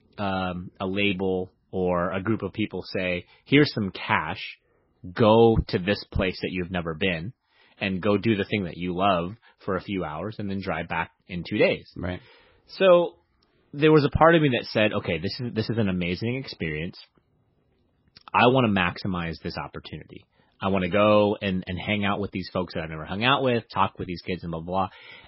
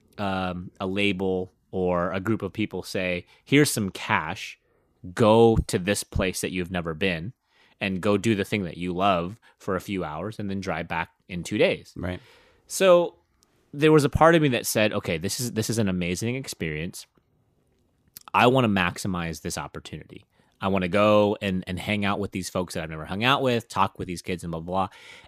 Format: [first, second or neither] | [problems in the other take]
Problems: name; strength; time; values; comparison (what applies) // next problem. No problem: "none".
second | garbled, watery; badly; nothing above 5.5 kHz